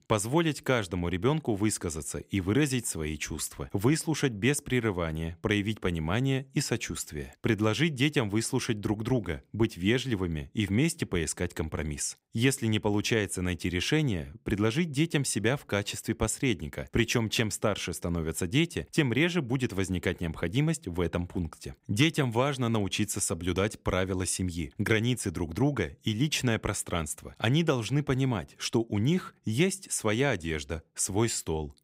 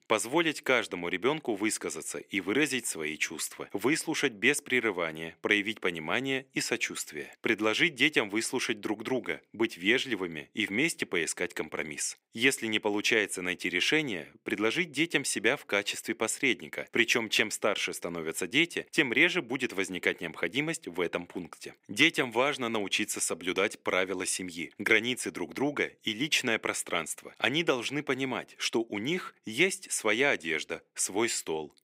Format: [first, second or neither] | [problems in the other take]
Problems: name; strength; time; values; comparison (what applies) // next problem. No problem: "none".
first | thin; somewhat; fading below 350 Hz